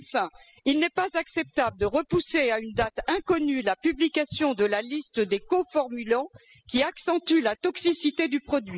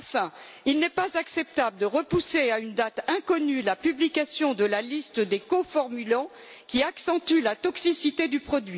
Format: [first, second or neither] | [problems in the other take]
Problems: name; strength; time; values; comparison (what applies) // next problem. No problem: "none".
second | noise reduction (classical method spectral subtraction)